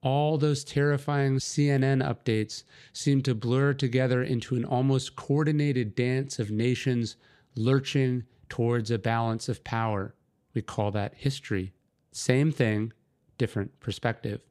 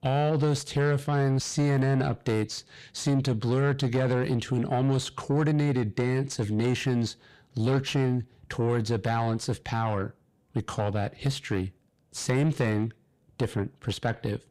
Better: first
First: none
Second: distortion; slight; 10 dB below the speech

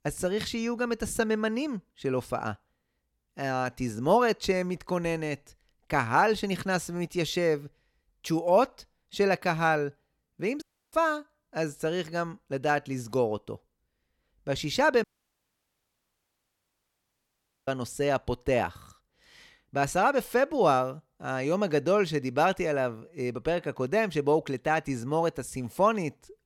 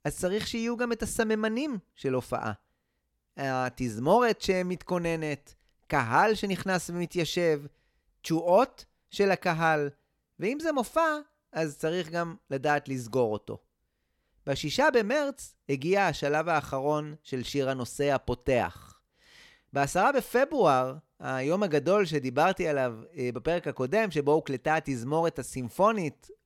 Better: second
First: audio cutting out; at 11 s and at 15 s for 2.5 s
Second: none

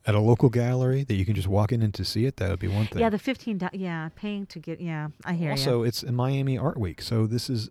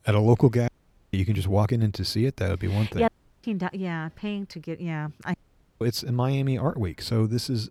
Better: first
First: none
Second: audio cutting out; at 0.5 s, at 3 s and at 5.5 s

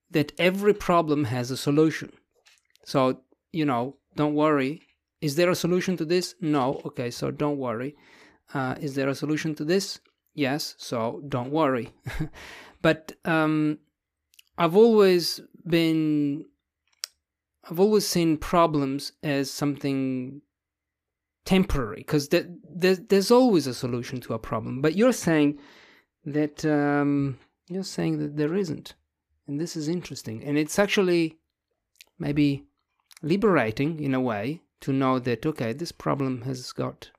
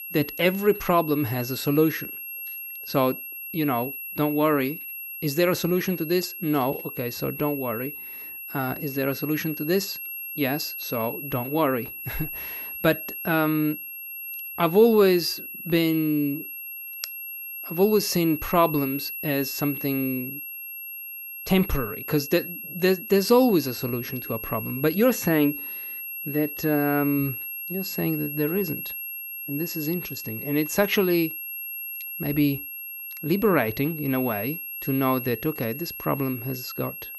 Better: first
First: none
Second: high-pitched whine; loud; throughout; 11.5 kHz, 8 dB below the speech

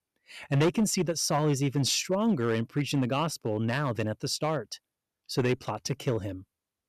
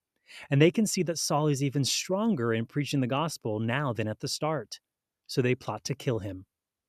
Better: second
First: distortion; slight; 4% of the sound clipped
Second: none

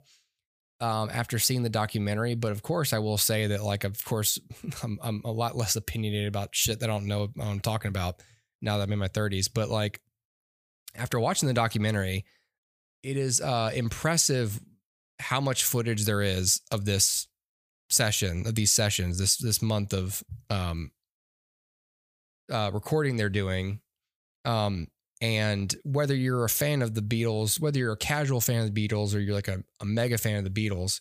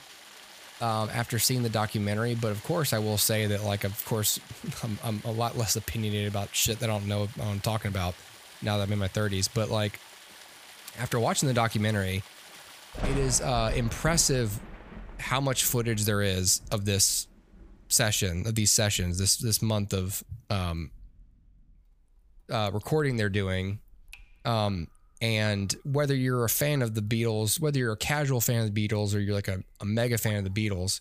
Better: first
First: none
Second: rain or running water; noticeable; throughout; 15 dB below the speech

